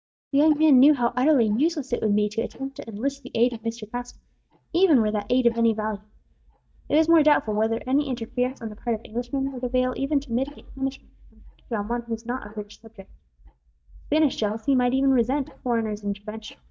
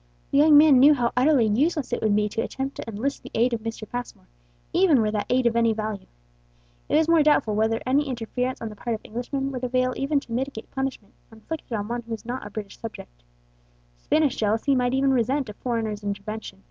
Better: second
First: noise reduction (neural mask model DeepFilterNet 3)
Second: none

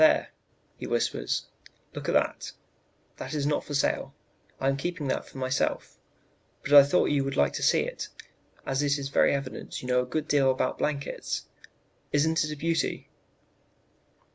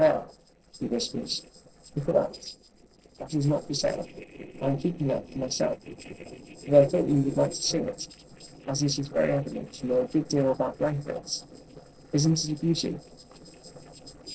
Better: first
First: none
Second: noise reduction (neural separator model SepFormer DNS4)

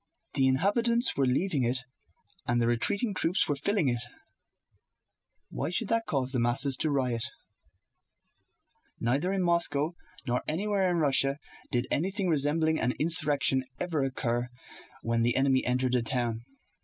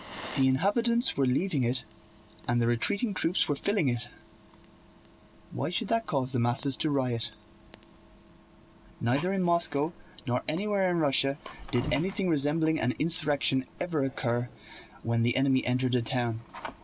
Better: first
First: none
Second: background sound (Fire); 18 dB below the speech

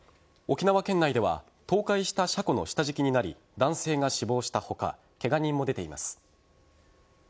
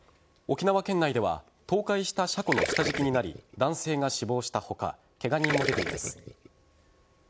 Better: first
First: none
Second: background sound (Gurgling); 4 dB below the speech

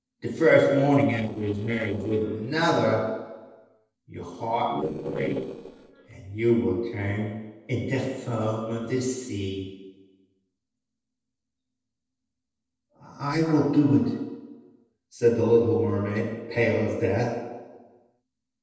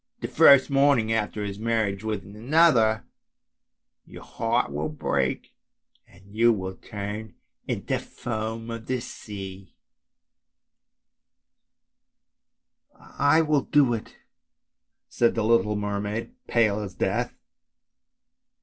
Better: second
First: noise reduction (neural separator model SepFormer DNS4)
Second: none

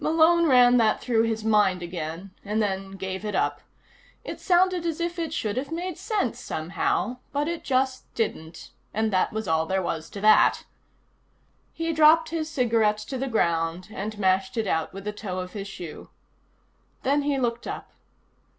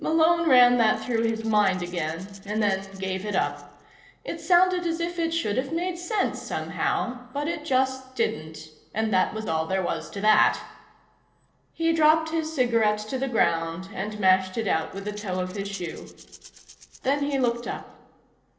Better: first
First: none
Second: noise reduction (neural separator model SepFormer DNS4)

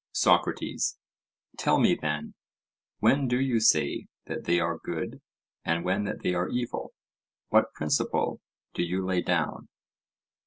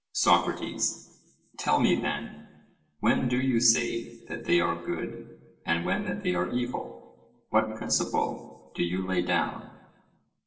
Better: first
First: none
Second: room echo; dies away in 0.8 s

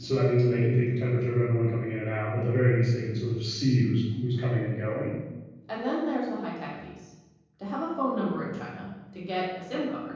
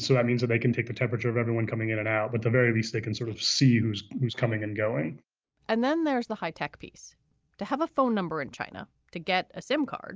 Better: second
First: room echo; dies away in 1.3 s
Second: none

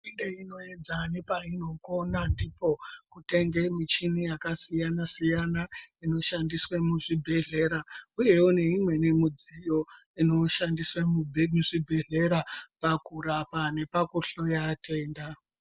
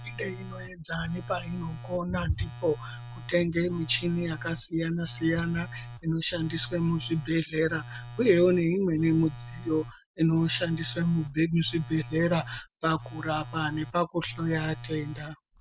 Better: first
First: none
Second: background sound (Telephone); 14 dB below the speech

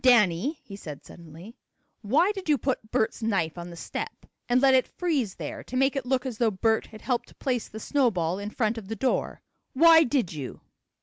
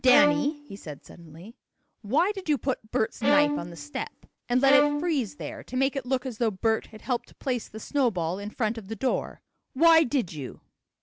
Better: first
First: none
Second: background sound (Bowed string instrument); 1 dB below the speech

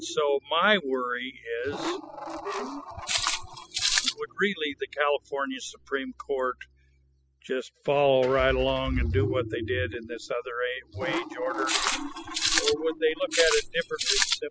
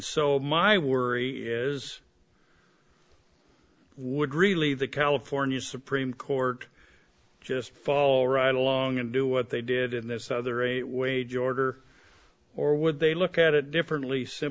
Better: second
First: noise reduction (classical method spectral subtraction)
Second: none

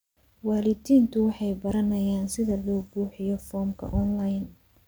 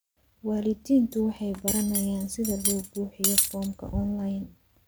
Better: first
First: none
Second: background sound (Cutlery, silverware); 4 dB below the speech

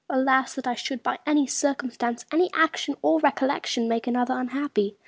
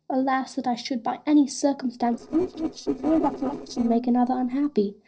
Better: first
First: none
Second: noise reduction (neural separator model SepFormer DNS4)

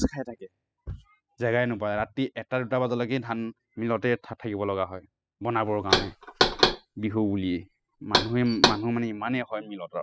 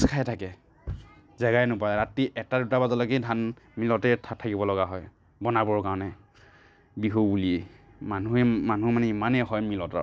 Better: second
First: noise reduction (classical method spectral subtraction)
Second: none

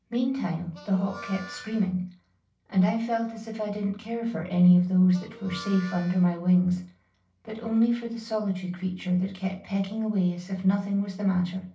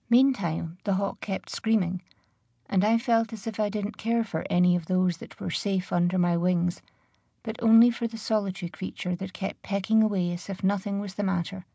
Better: second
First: background sound (Harmonica); 19 dB below the speech // room echo; dies away in 0.4 s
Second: none

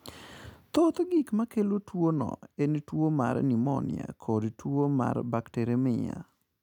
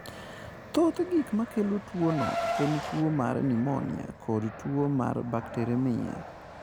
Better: first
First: none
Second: background sound (Car + Fixed-wing aircraft, airplane); 9 dB below the speech

